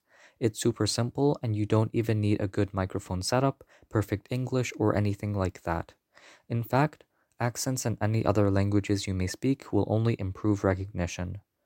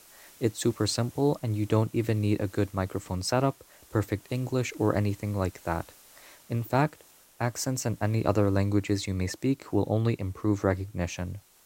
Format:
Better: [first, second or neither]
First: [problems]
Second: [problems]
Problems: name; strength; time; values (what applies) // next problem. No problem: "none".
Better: first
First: none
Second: hiss; faint; throughout; 25 dB below the speech